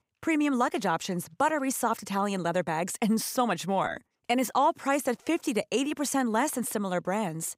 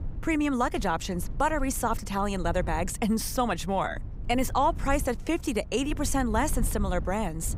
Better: first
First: none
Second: low rumble; faint; throughout; 25 dB below the speech

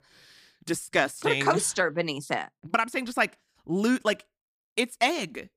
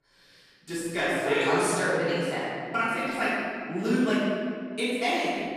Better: first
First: none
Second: off-mic speech; far // room echo; strong; dies away in 2 s

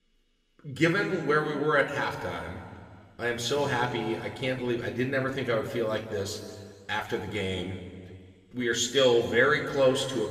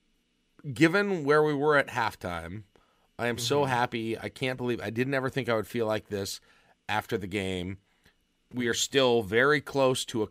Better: second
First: room echo; noticeable; dies away in 1.8 s // off-mic speech; somewhat distant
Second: none

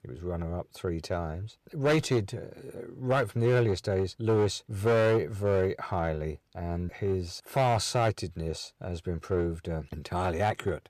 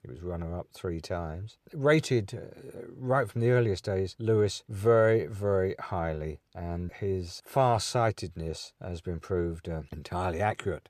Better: second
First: distortion; slight; 7% of the sound clipped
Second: none

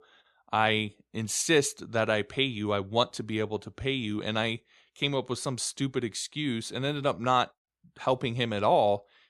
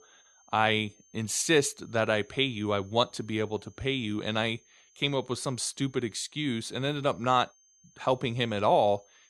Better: first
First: none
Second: high-pitched whine; faint; throughout; 6.5 kHz, 30 dB below the speech

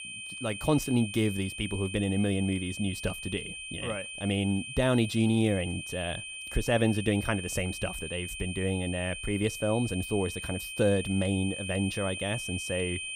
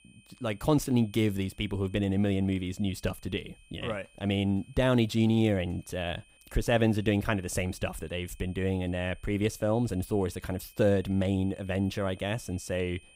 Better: second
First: high-pitched whine; loud; throughout; 2.5 kHz, 7 dB below the speech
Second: high-pitched whine; faint; throughout; 2.5 kHz, 30 dB below the speech

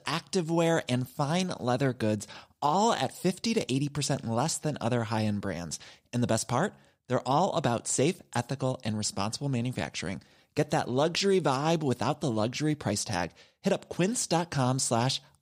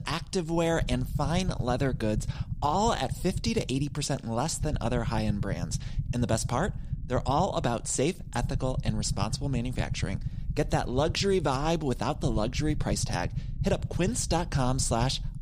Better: first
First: none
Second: low rumble; noticeable; throughout; 15 dB below the speech

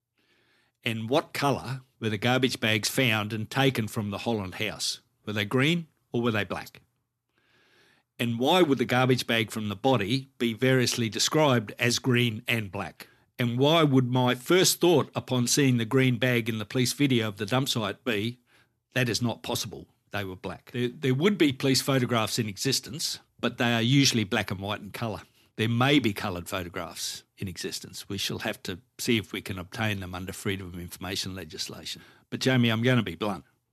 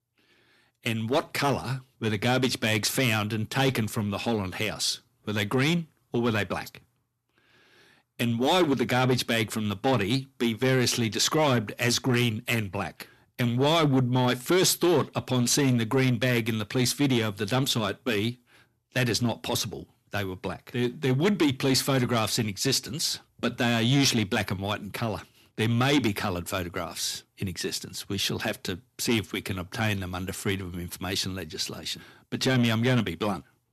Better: first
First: none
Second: distortion; slight; 10 dB below the speech

